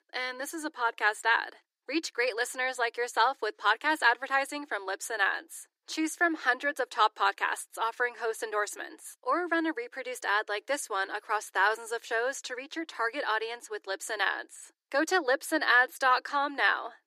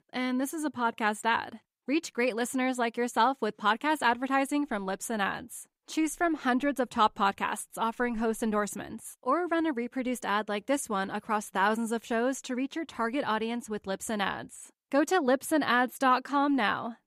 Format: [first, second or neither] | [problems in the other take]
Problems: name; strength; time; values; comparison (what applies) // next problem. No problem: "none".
second | thin; very; fading below 300 Hz